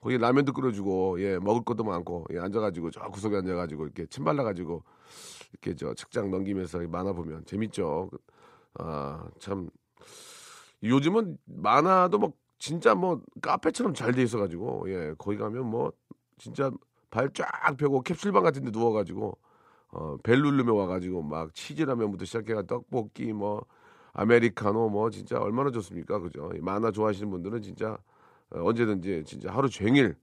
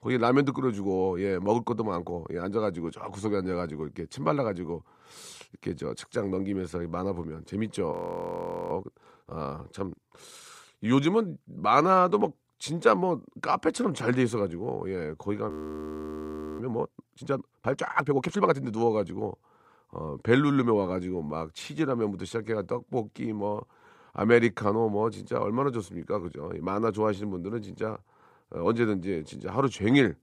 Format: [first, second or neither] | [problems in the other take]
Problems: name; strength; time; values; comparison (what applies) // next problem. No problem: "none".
first | audio freezing; at 8 s for 1 s and at 16 s for 1 s